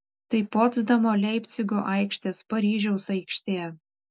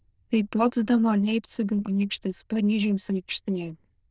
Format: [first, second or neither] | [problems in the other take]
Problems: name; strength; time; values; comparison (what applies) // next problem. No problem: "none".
first | noise reduction (neural diffusion model UNIVERSE++)